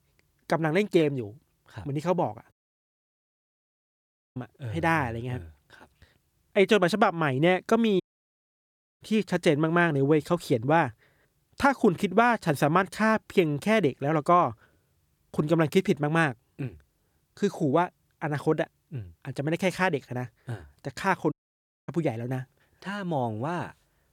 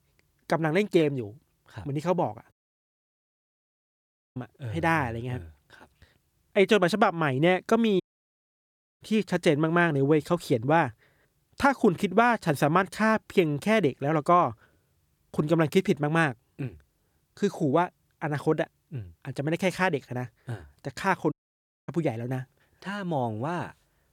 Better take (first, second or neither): neither